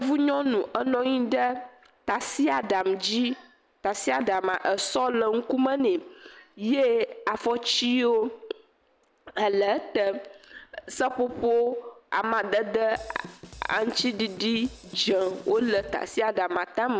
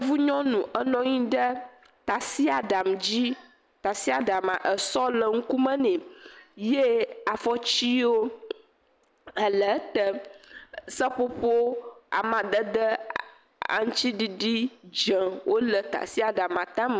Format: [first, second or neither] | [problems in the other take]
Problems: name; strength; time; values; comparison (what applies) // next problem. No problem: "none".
second | background sound (Drum kit); 19 dB below the speech